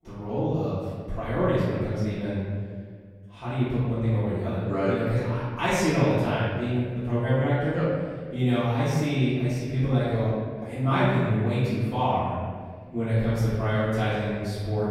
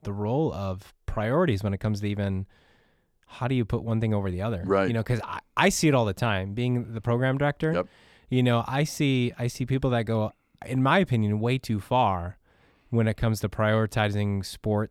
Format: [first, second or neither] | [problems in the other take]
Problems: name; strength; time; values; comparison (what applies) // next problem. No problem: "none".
second | off-mic speech; far // room echo; strong; dies away in 1.7 s